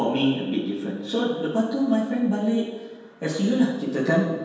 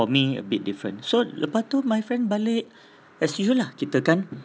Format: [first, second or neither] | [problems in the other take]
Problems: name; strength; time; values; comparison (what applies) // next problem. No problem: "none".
second | room echo; dies away in 1.2 s